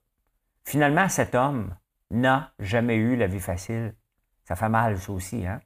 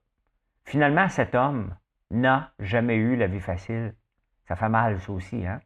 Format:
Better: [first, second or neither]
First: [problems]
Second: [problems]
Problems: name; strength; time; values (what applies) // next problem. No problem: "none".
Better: first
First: none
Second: muffled; slightly; fading above 2.5 kHz